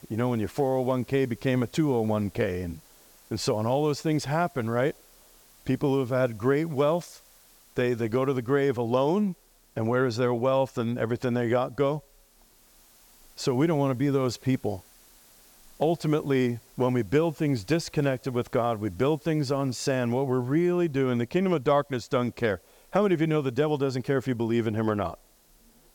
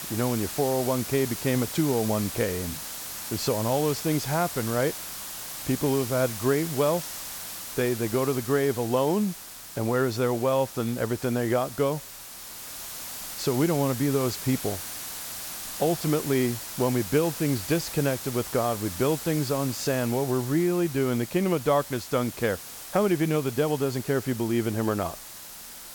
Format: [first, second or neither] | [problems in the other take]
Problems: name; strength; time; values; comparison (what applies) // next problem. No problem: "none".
first | hiss; loud; throughout; 8 dB below the speech; faint in the first